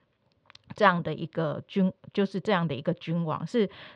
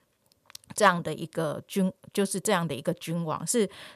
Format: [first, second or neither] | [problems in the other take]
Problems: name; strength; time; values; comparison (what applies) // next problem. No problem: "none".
second | muffled; slightly; fading above 4 kHz